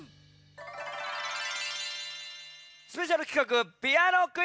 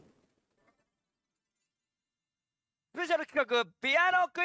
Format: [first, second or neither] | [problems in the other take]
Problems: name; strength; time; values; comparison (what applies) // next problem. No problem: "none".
first | noise reduction (neural mask model RNNoise)